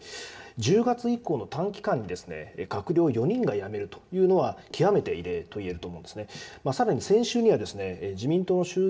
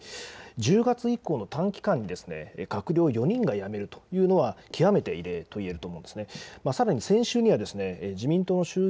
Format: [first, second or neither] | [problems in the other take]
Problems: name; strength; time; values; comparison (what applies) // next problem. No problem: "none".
second | room echo; dies away in 0.4 s